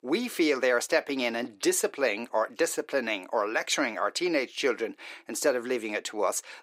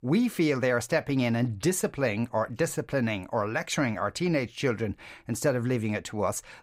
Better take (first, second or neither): second